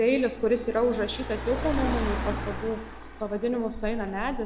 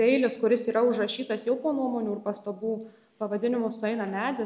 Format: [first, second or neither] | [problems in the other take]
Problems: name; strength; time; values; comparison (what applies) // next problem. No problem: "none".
second | background sound (Car); 6 dB below the speech